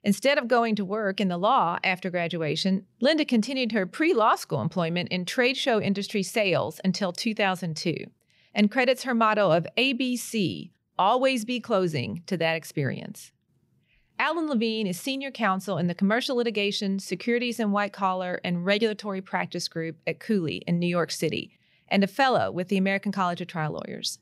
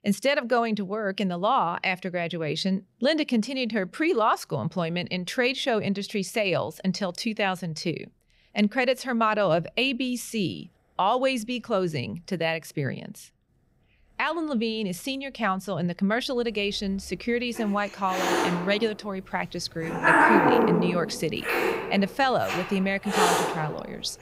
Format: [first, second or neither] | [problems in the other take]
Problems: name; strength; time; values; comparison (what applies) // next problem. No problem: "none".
first | animal sounds; very loud; throughout; 2 dB above the speech